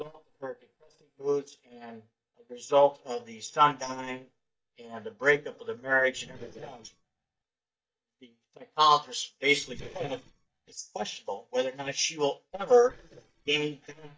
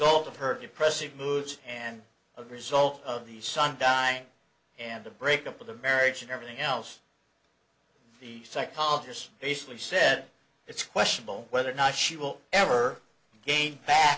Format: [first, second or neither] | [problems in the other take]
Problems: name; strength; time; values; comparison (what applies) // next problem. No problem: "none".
second | noise reduction (neural mask model DeepFilterNet 3)